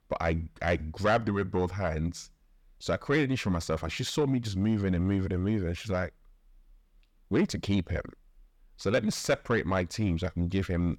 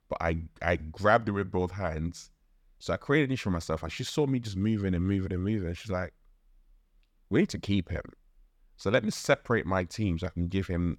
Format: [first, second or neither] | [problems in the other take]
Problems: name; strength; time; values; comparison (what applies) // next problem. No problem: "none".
second | distortion; slight; 10 dB below the speech